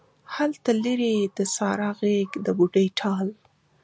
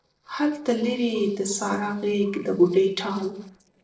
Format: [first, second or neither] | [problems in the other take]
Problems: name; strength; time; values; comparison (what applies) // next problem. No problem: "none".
first | noise reduction (neural separator model SepFormer DNS4)